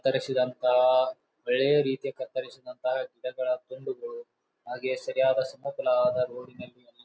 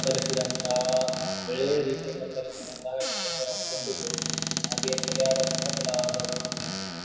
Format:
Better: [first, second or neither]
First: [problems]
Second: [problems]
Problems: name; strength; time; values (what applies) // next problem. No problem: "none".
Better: first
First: none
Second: background sound (Squeak / Cupboard open or close); 2 dB below the speech // room echo; dies away in 2.2 s